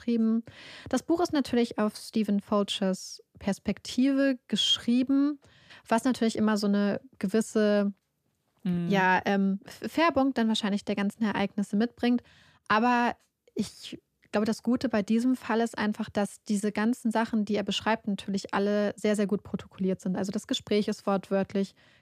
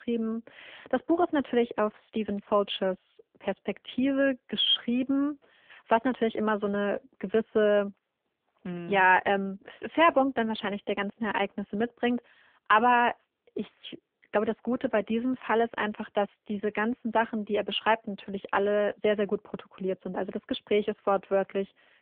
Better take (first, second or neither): first